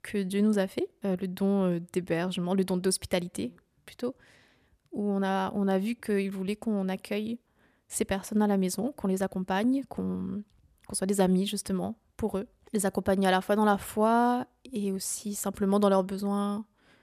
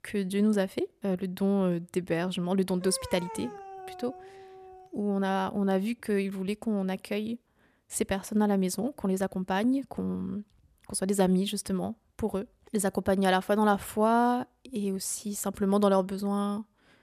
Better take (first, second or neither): first